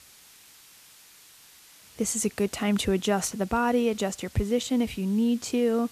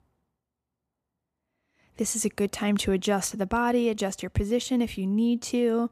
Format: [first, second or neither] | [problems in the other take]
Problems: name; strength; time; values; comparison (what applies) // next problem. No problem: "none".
second | hiss; faint; throughout; 25 dB below the speech